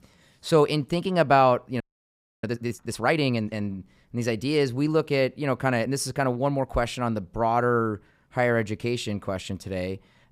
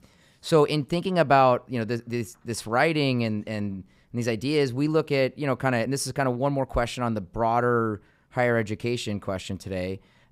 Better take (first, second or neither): second